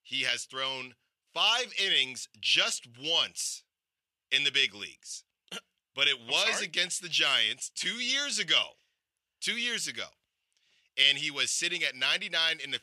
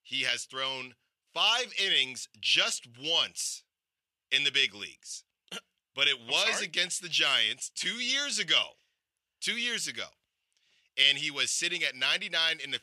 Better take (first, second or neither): neither